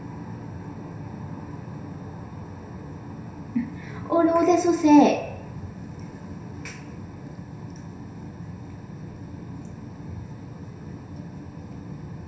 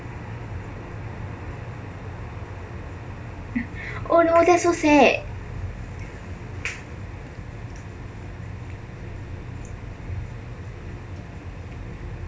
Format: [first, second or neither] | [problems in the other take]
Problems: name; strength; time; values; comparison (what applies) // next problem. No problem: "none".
second | room echo; dies away in 0.7 s